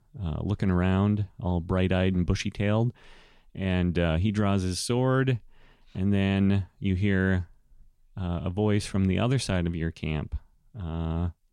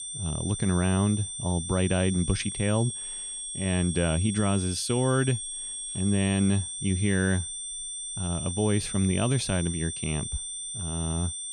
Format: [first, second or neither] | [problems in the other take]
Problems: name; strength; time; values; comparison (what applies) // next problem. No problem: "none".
first | high-pitched whine; loud; throughout; 8.5 kHz, 5 dB below the speech